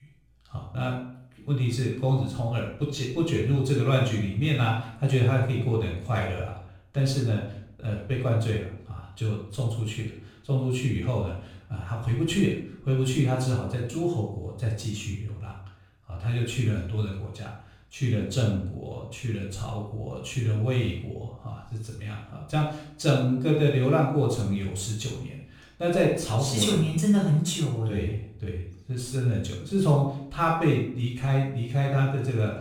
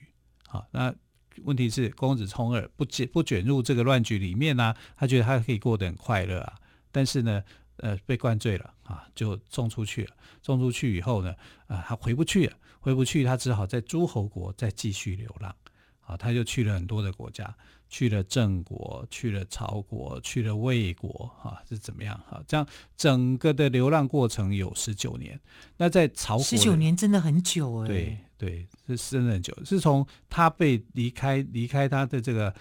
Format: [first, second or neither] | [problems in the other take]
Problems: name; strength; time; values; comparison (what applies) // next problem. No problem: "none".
second | off-mic speech; far // room echo; noticeable; dies away in 0.5 s